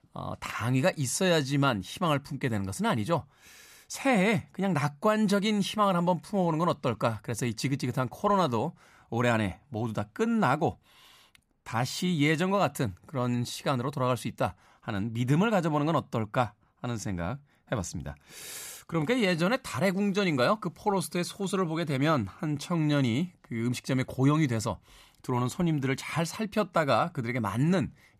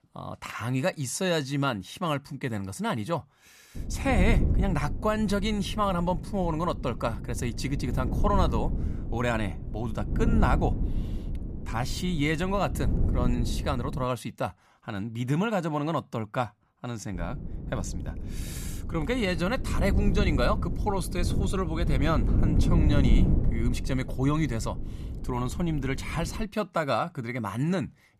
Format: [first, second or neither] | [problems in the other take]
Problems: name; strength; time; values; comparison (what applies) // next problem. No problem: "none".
first | wind noise on the microphone; occasional gusts; from 4 to 14 s and from 17 to 26 s; 10 dB below the speech